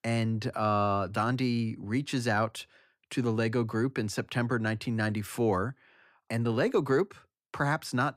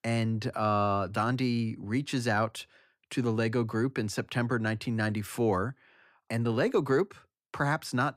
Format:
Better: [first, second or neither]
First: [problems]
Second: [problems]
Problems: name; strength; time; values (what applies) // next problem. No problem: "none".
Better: neither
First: none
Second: none